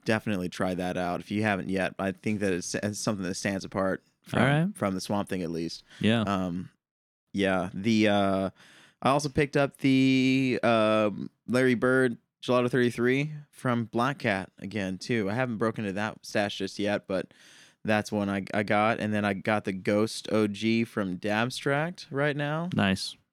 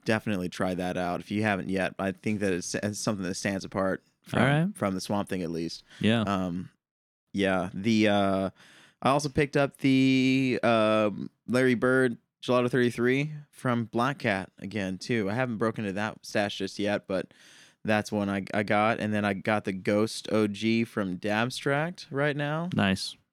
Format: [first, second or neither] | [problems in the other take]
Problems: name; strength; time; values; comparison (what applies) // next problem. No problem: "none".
neither | none